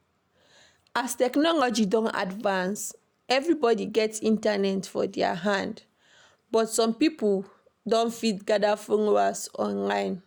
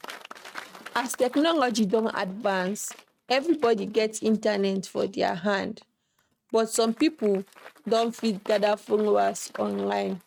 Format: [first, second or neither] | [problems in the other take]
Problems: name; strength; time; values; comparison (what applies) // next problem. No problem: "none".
first | noise reduction (neural mask model RNNoise)